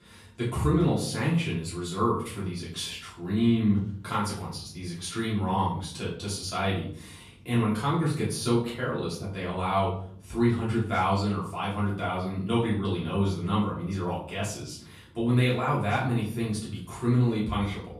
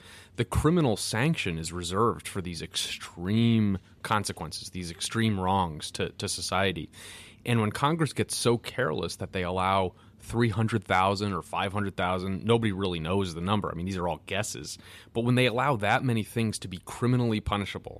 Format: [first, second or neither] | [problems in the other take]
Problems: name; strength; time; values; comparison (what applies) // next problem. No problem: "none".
second | off-mic speech; far // room echo; noticeable; dies away in 0.5 s